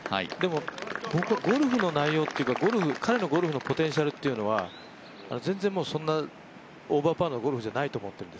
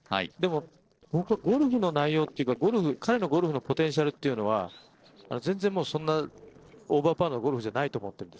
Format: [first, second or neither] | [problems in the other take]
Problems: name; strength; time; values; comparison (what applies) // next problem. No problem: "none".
first | noise reduction (neural separator model SepFormer DNS4)